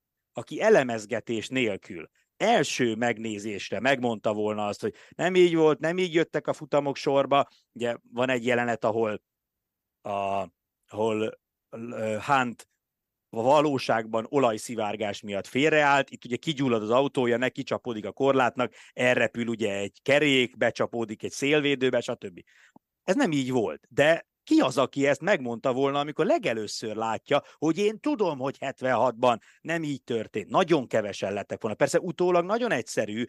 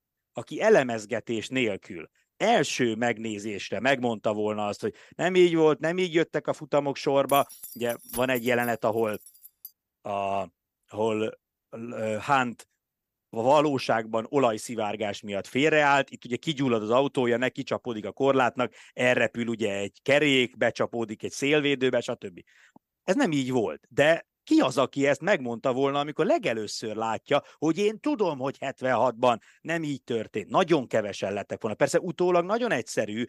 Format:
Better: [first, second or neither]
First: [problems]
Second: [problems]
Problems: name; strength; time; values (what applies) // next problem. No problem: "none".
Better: first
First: none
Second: jangling keys; faint; from 7.5 to 9.5 s; peak 10 dB below the speech